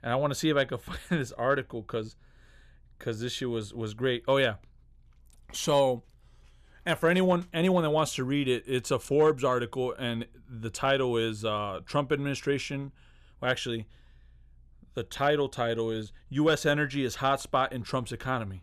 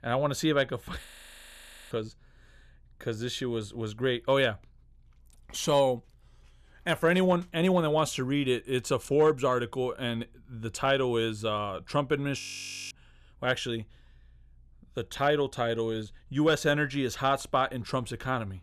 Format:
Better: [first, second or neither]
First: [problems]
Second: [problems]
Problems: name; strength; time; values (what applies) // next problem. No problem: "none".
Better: first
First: none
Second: audio freezing; at 1 s for 1 s and at 12 s for 0.5 s